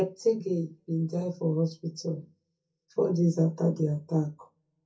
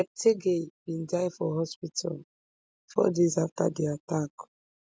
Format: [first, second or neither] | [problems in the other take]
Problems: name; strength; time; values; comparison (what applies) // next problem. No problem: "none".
second | room echo; dies away in 0.3 s